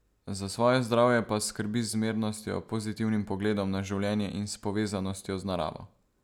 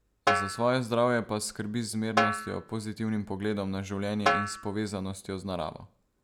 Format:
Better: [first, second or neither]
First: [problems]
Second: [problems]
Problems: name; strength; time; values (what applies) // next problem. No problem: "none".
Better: first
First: none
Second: background sound (Snare drum); 2 dB below the speech